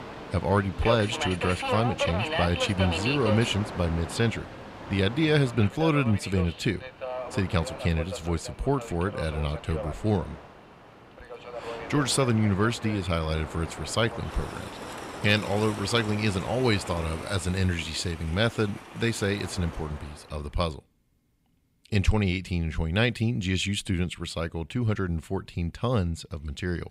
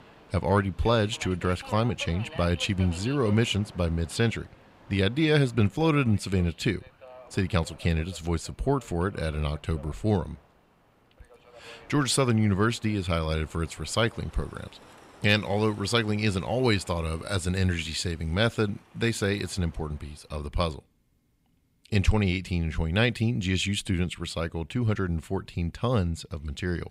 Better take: second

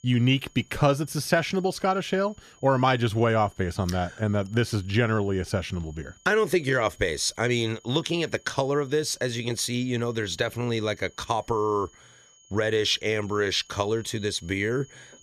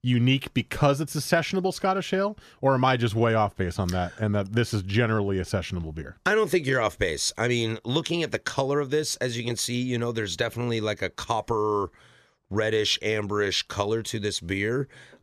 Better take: second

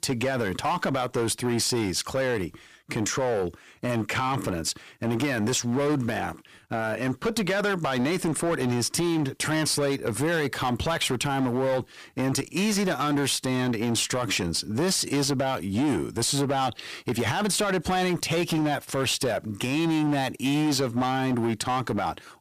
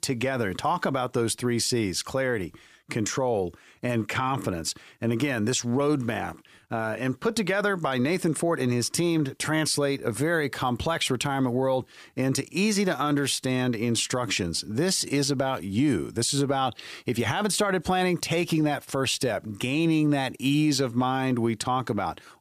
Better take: second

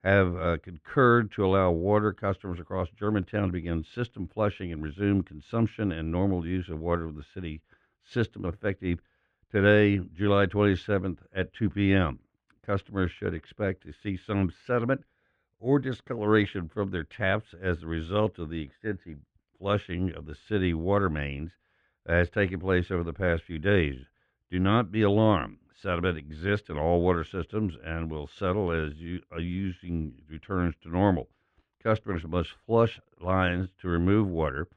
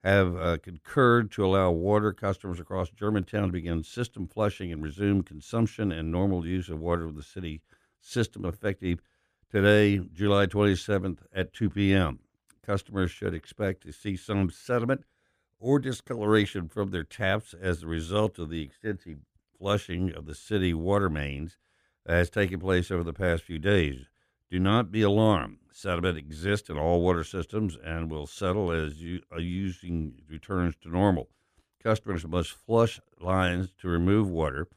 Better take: second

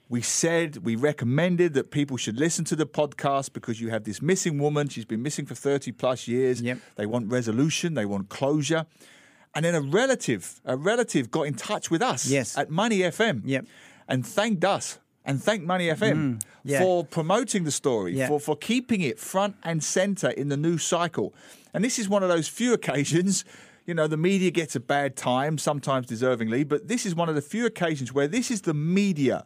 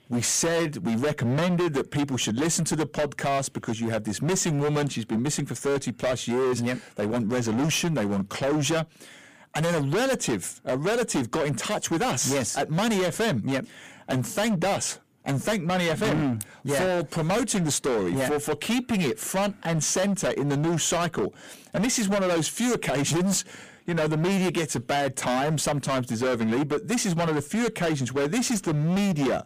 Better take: first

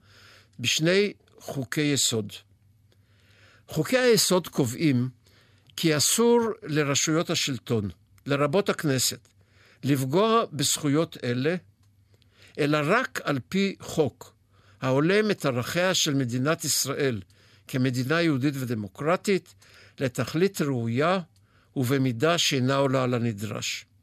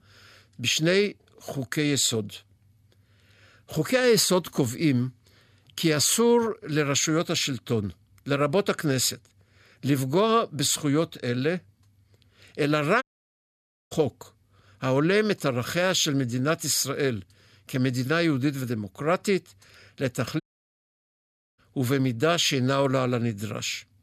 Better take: first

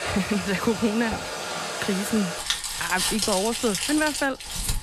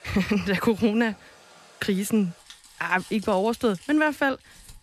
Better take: second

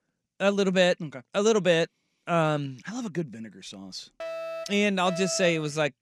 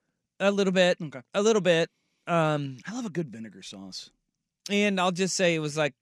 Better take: second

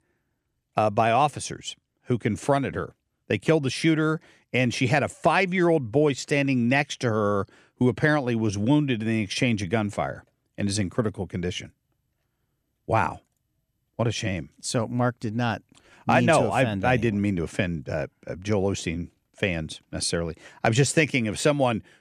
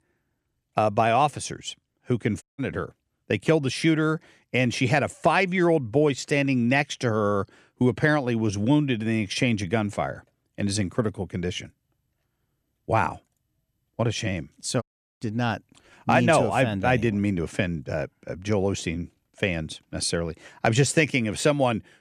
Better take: first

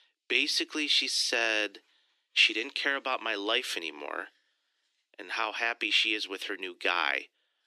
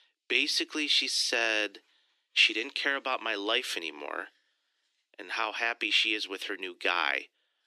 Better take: neither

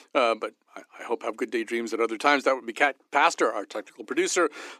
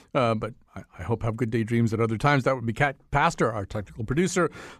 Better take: second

